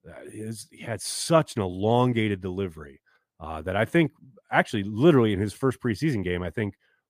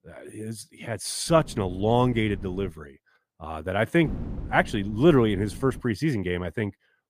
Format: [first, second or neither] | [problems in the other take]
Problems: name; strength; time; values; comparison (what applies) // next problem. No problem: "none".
first | wind noise on the microphone; occasional gusts; from 1.5 to 2.5 s and from 4 to 6 s; 20 dB below the speech